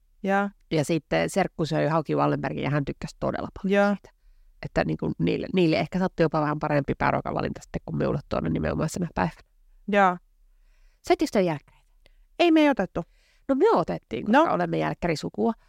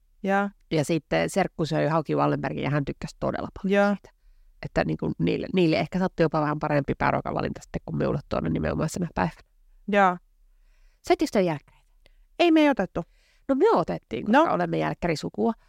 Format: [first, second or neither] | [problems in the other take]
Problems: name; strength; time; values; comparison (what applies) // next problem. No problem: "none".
neither | none